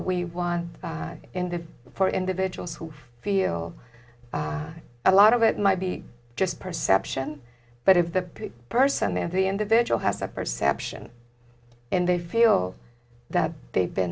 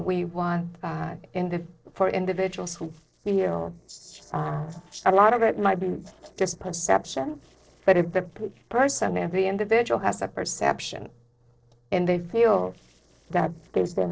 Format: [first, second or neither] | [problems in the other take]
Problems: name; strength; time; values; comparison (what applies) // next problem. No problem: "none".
first | noise reduction (neural separator model SepFormer DNS4)